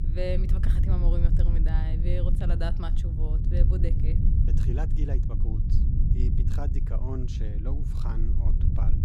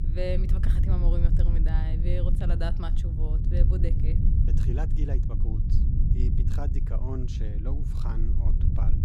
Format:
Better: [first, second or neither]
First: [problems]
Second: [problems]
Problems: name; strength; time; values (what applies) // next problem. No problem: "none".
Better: neither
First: low rumble; loud; throughout; 2 dB below the speech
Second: low rumble; loud; throughout; 2 dB below the speech